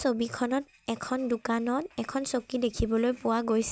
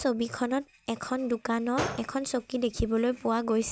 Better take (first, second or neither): first